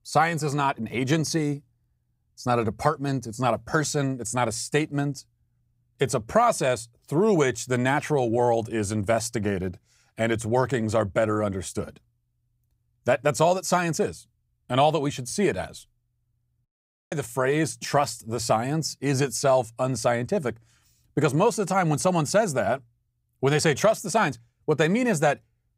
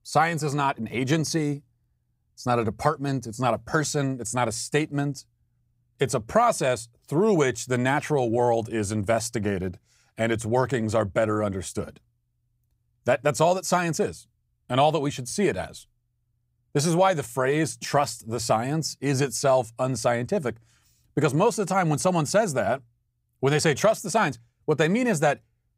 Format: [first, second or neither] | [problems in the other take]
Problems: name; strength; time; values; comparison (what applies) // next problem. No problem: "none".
second | audio cutting out; at 17 s